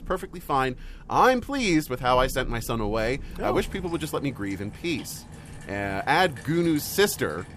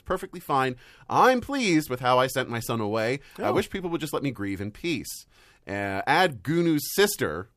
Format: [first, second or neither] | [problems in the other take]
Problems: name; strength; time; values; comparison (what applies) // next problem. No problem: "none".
second | rain or running water; noticeable; throughout; 15 dB below the speech